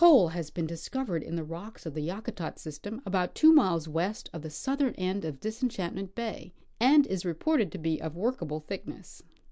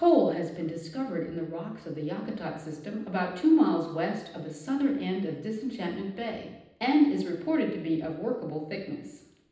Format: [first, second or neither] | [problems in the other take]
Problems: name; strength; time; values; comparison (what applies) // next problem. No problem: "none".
first | room echo; dies away in 0.9 s